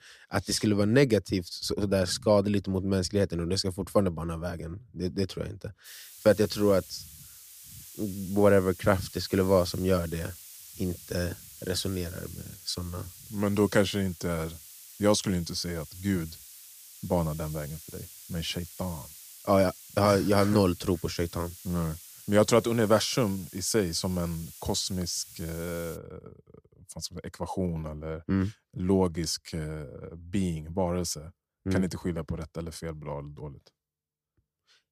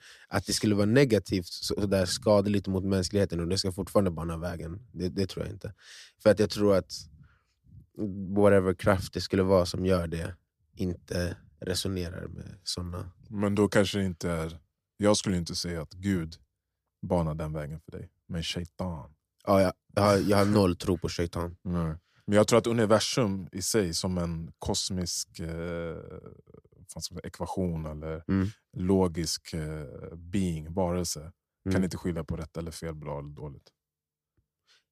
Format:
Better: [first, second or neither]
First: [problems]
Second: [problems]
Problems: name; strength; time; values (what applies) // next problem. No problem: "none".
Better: second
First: hiss; noticeable; from 6 to 26 s; 15 dB below the speech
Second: none